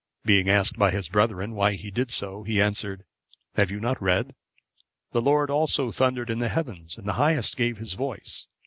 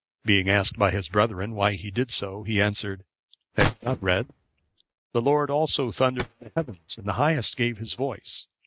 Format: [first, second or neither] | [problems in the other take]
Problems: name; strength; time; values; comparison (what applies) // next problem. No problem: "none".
first | noise reduction (neural mask model RNNoise)